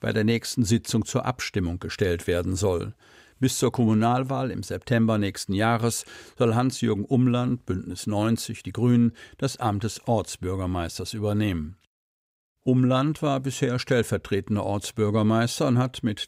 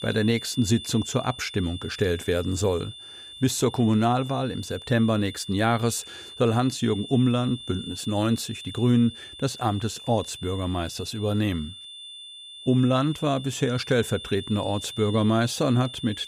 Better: first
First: none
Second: high-pitched whine; noticeable; throughout; 3.5 kHz, 15 dB below the speech

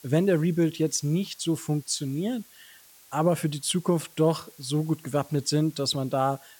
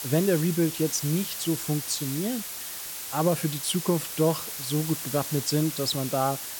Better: first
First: hiss; faint; throughout; 25 dB below the speech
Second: hiss; loud; throughout; 5 dB below the speech

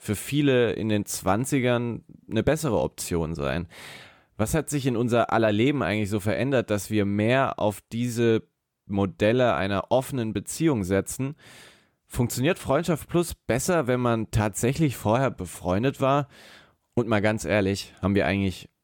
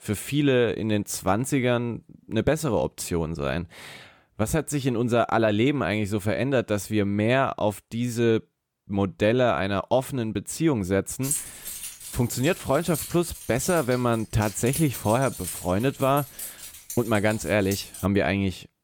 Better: first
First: none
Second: jangling keys; noticeable; from 11 to 18 s; peak 3 dB below the speech

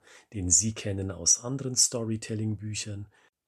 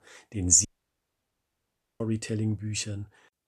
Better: first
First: none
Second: audio cutting out; at 0.5 s for 1.5 s

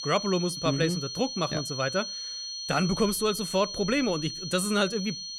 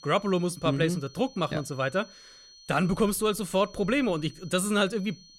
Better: second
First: high-pitched whine; loud; throughout; 4.5 kHz, 6 dB below the speech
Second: high-pitched whine; faint; throughout; 4.5 kHz, 25 dB below the speech

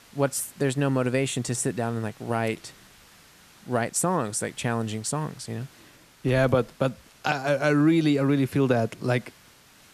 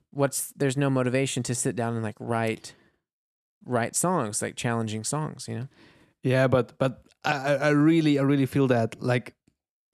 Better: second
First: hiss; faint; throughout; 25 dB below the speech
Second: none

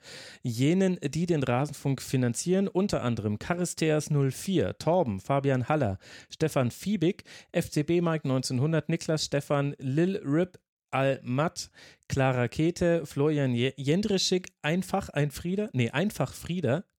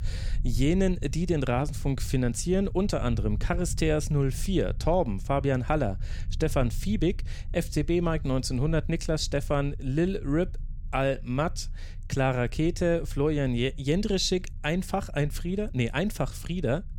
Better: first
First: none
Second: low rumble; faint; throughout; 25 dB below the speech

